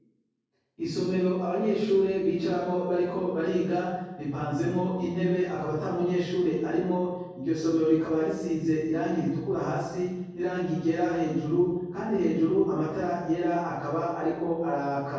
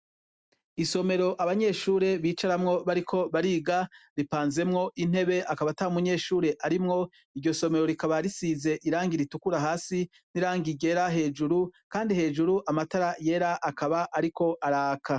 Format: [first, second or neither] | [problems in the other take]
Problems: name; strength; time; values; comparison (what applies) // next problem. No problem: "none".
second | room echo; dies away in 1.3 s